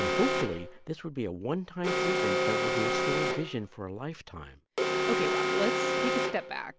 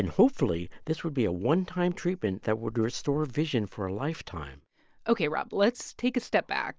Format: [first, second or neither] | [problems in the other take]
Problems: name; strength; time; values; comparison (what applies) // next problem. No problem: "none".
second | background sound (Alarm); 4 dB above the speech